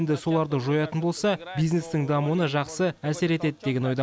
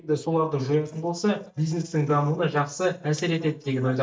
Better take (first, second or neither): first